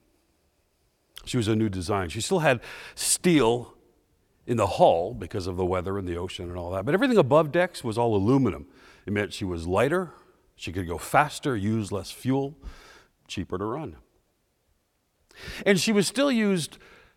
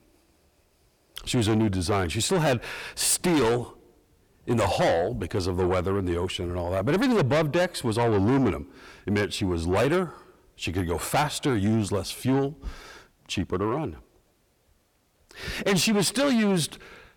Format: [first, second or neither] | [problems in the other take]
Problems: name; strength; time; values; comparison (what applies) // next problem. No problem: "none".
first | distortion; heavy; 6 dB below the speech